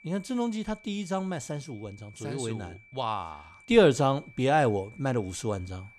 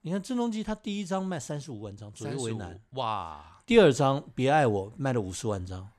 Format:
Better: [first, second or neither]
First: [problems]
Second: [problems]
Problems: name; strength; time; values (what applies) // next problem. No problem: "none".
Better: second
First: high-pitched whine; faint; throughout; 2.5 kHz, 25 dB below the speech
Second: none